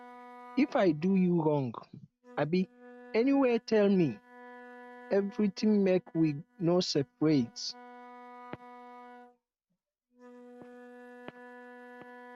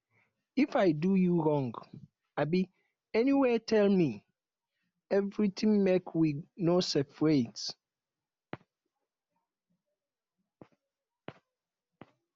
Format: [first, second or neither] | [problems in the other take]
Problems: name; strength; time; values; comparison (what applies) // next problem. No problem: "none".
second | noise reduction (neural mask model RNNoise)